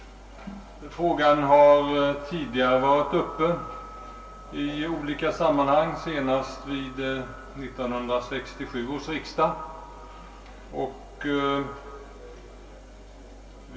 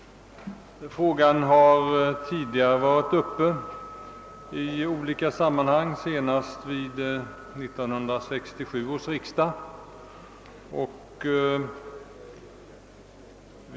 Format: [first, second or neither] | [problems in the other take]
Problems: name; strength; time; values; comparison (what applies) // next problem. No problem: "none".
second | room echo; dies away in 0.3 s